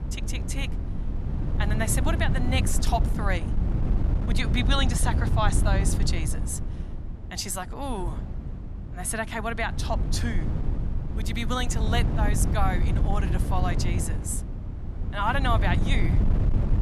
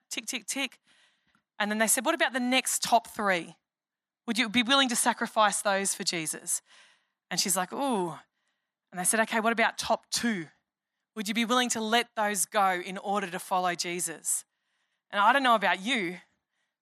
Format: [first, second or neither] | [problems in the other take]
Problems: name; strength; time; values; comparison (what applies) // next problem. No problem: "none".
second | wind noise on the microphone; heavy; 9 dB below the speech